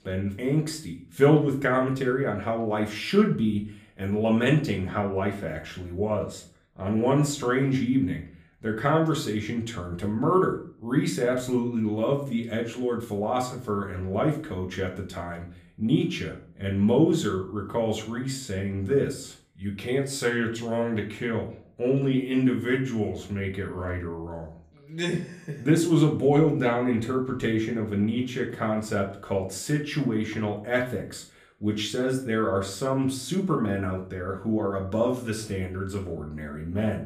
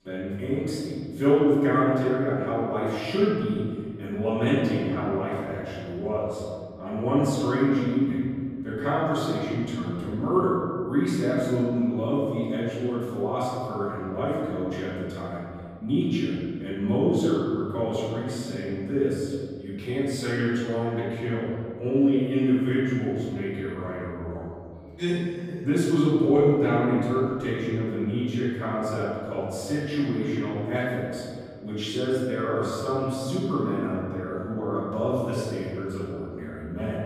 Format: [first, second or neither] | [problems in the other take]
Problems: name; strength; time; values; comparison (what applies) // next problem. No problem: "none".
first | room echo; strong; dies away in 2 s; slight in the first // off-mic speech; far; far in the first